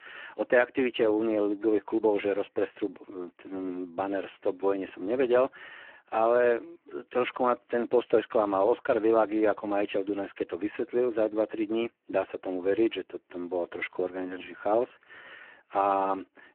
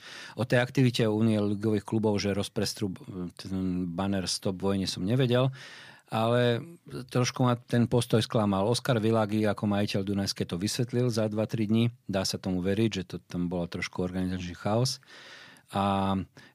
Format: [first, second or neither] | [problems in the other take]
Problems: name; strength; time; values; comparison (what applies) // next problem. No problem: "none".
second | phone-call audio; poor line